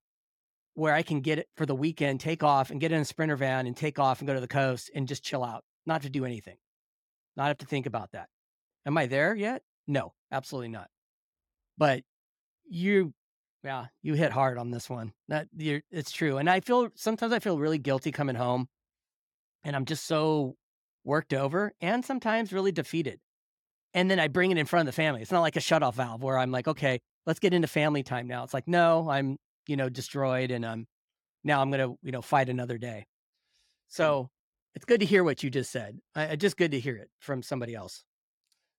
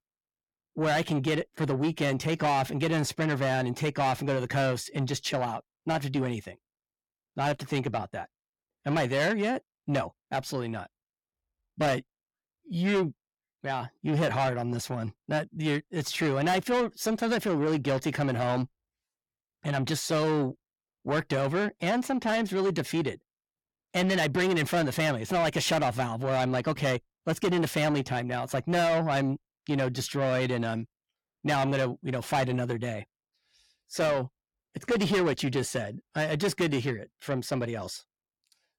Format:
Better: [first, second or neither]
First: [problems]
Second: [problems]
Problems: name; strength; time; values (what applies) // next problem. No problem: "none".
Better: first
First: none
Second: distortion; heavy; 7 dB below the speech